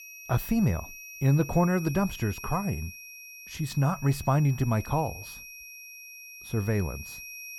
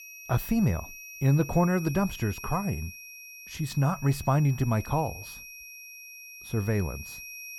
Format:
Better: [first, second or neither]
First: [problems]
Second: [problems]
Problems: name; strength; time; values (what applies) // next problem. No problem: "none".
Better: neither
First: high-pitched whine; noticeable; throughout; 2.5 kHz, 15 dB below the speech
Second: high-pitched whine; noticeable; throughout; 2.5 kHz, 15 dB below the speech